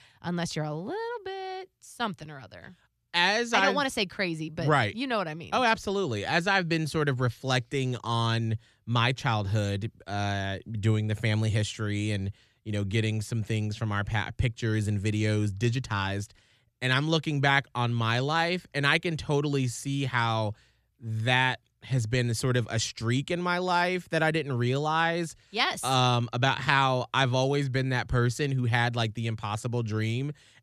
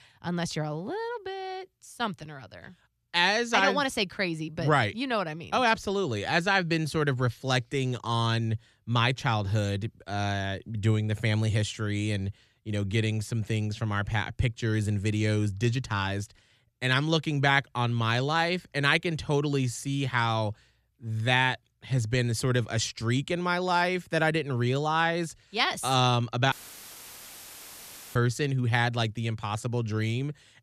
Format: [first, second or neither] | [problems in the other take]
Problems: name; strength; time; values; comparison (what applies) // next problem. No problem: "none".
first | audio cutting out; filled with static; at 27 s for 1.5 s